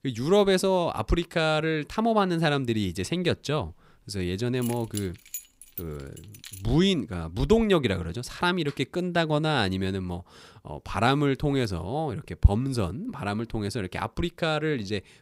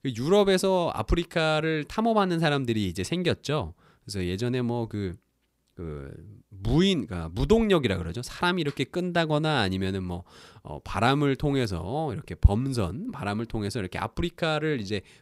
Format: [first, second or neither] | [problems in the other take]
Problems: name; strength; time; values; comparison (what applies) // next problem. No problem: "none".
second | jangling keys; faint; from 4.5 to 6.5 s; peak 10 dB below the speech